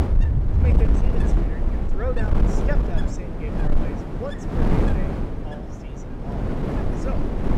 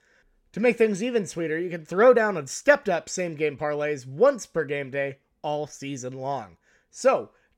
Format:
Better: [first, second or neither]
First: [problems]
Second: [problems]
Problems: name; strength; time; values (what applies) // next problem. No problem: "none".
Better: second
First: wind noise on the microphone; heavy; 5 dB above the speech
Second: none